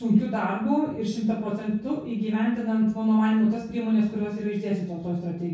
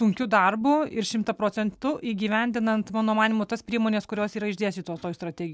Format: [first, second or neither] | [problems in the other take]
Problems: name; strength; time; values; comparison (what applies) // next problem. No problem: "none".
second | room echo; dies away in 0.6 s